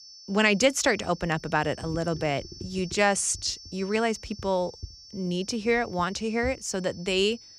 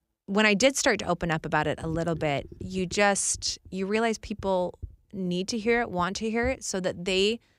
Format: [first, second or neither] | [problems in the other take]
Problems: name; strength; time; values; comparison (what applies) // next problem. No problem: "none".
second | high-pitched whine; noticeable; throughout; 5.5 kHz, 20 dB below the speech